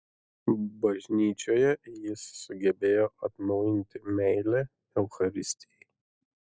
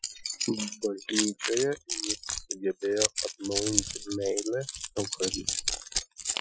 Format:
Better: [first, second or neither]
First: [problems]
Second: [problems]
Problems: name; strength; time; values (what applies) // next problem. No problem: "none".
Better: first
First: none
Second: noise reduction (classical method Wiener filter)